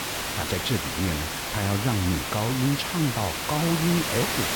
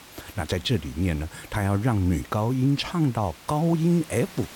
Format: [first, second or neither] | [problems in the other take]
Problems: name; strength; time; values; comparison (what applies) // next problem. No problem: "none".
second | hiss; loud; throughout; 1 dB below the speech; faint in the second